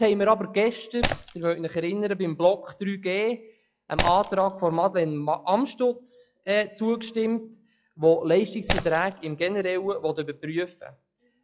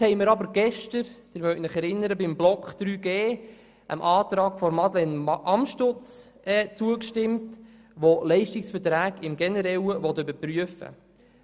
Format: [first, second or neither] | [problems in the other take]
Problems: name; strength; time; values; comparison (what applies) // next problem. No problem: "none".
second | noise reduction (classical method log-MMSE)